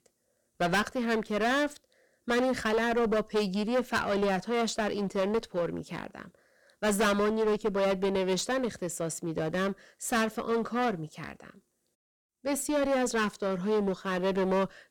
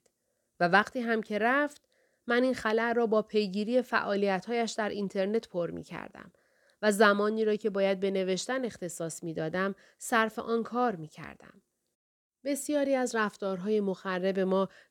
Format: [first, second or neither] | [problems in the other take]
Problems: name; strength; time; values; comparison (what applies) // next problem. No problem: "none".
second | distortion; heavy; 14% of the sound clipped